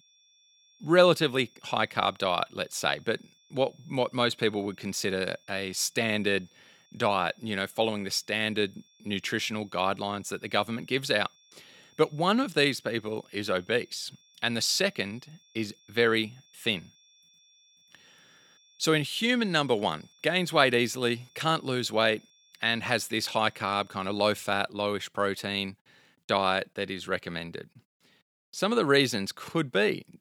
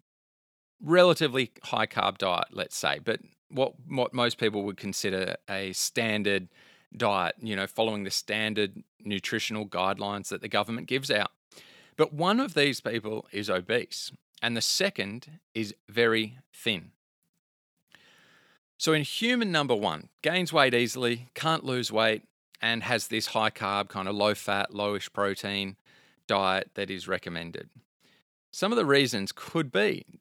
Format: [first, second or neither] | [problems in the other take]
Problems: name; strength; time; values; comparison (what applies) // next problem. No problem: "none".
second | high-pitched whine; faint; until 25 s; 3.5 kHz, 30 dB below the speech